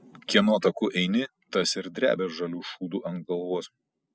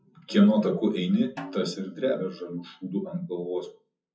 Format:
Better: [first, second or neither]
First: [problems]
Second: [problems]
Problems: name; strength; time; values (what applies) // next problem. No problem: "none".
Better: first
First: none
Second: noise reduction (classical method WPE with log-MMSE)